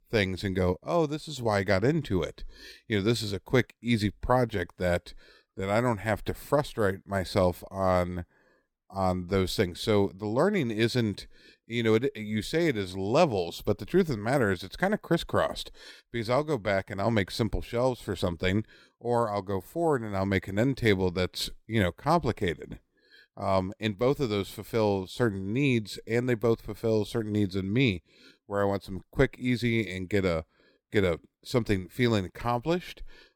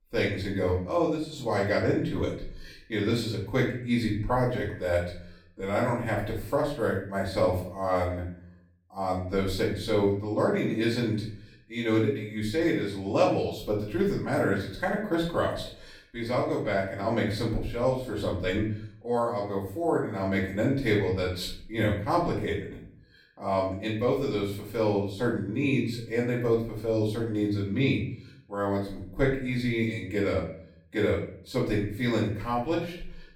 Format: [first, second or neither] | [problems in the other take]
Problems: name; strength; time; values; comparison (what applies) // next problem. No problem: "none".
first | off-mic speech; far // room echo; noticeable; dies away in 0.5 s